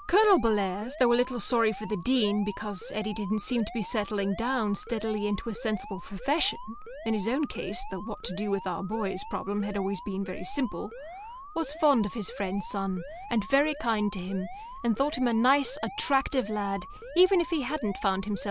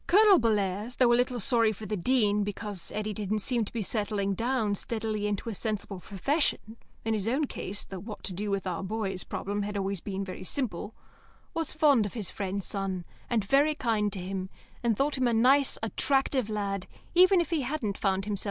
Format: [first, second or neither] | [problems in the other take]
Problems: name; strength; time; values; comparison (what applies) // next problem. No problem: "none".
second | background sound (Alarm); 14 dB below the speech